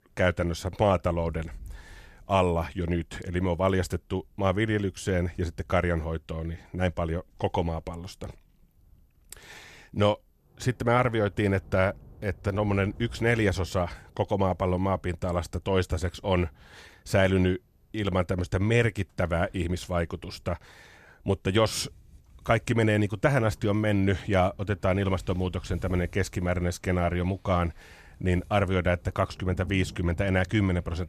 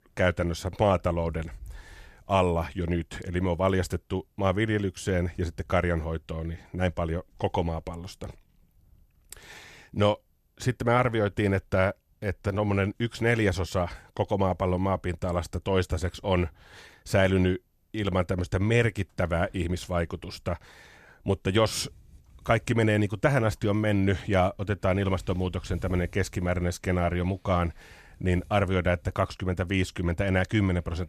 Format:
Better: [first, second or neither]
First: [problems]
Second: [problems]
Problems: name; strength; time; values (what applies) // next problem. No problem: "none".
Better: second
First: rain or running water; faint; throughout; 25 dB below the speech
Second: none